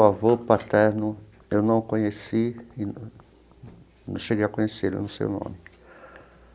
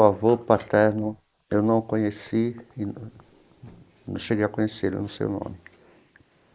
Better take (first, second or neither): first